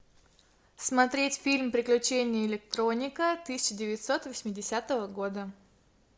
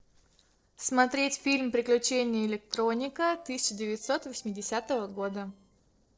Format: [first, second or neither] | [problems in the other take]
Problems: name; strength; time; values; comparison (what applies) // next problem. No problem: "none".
first | noise reduction (neural separator model SepFormer DNS4)